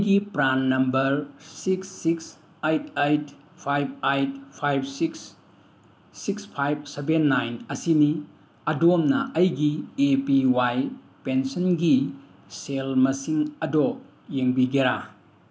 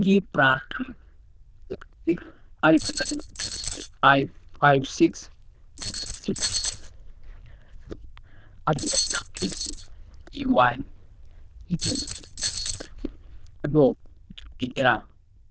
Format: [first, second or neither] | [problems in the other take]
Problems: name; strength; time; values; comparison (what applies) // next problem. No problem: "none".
first | noise reduction (neural diffusion model UNIVERSE++)